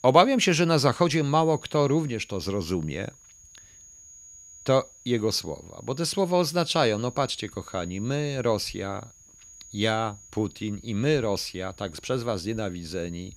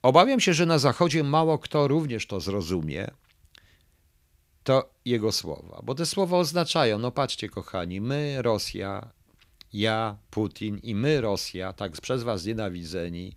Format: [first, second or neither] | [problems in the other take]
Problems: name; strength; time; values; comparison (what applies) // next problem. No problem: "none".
second | high-pitched whine; faint; throughout; 6.5 kHz, 20 dB below the speech